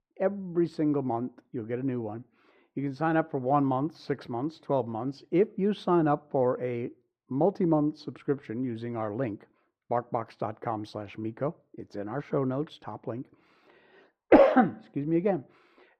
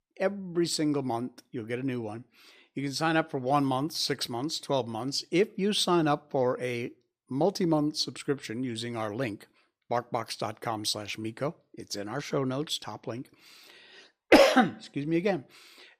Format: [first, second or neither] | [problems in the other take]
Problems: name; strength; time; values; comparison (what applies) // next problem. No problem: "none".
second | muffled; very; fading above 3 kHz